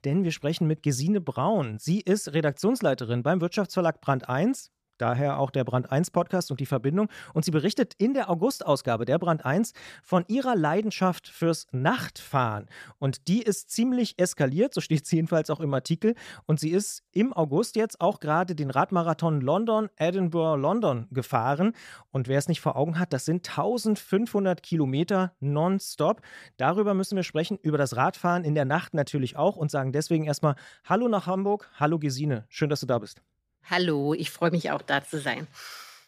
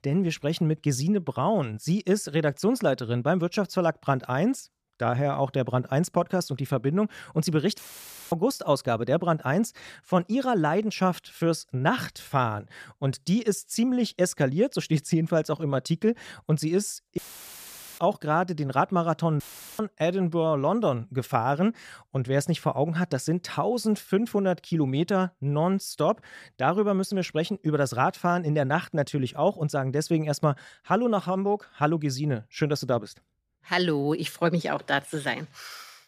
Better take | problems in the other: first | audio cutting out; filled with static; at 8 s for 0.5 s, at 17 s for 1 s and at 19 s

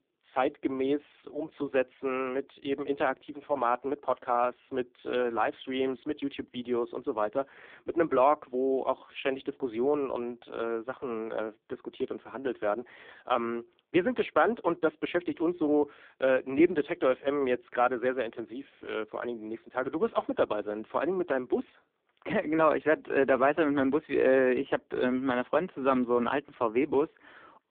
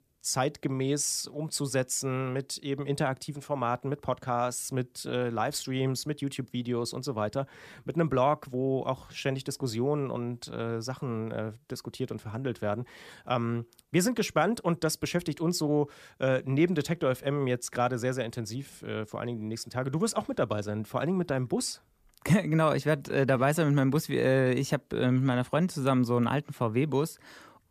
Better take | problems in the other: second | phone-call audio; poor line

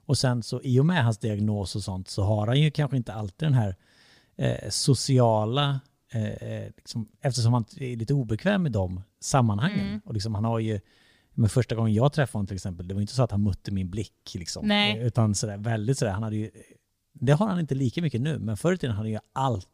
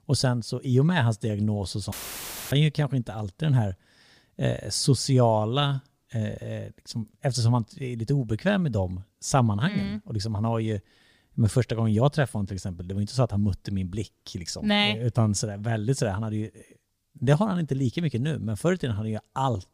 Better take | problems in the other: first | audio cutting out; filled with static; at 2 s for 0.5 s

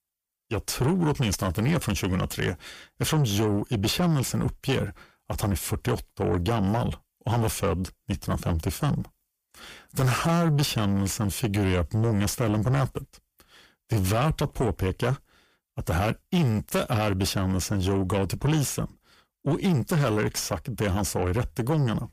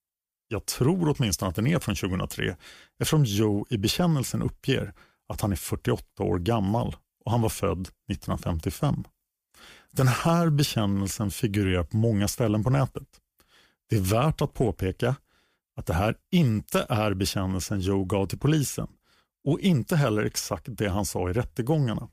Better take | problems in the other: second | distortion; slight; 10 dB below the speech

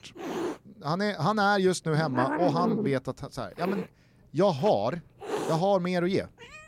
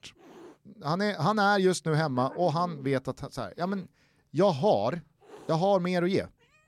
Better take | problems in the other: second | hiss; loud; throughout; 6 dB below the speech; faint in the second

